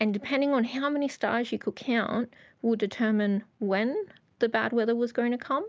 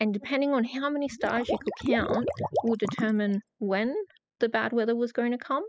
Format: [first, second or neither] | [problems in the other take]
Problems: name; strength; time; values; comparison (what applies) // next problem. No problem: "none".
first | noise reduction (classical method spectral subtraction)